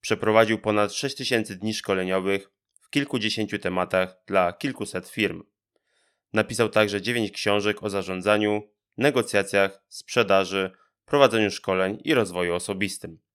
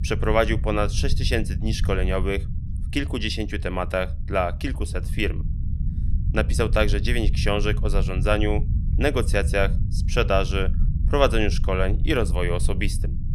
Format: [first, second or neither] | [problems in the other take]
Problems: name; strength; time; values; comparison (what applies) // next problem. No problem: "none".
first | low rumble; noticeable; throughout; 15 dB below the speech